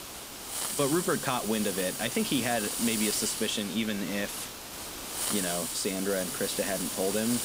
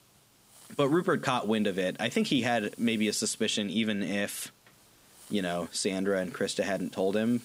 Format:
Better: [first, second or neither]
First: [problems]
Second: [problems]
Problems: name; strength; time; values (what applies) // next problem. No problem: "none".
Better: second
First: hiss; loud; throughout; 2 dB below the speech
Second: hiss; faint; throughout; 25 dB below the speech